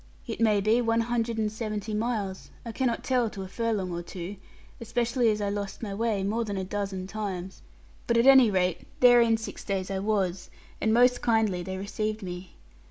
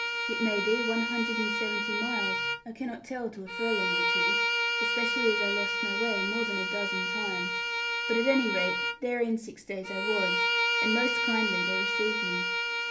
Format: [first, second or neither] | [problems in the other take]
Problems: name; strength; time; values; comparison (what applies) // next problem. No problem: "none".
first | background sound (Bowed string instrument); 3 dB above the speech // room echo; dies away in 0.3 s